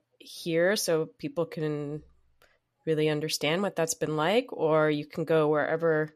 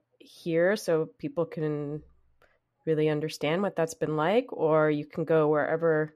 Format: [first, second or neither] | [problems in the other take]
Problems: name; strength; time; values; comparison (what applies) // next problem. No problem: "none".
first | muffled; slightly; fading above 2.5 kHz